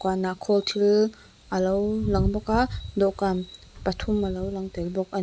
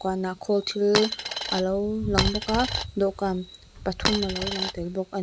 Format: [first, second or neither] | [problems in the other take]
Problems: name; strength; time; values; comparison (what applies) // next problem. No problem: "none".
first | background sound (Coin (dropping)); 2 dB below the speech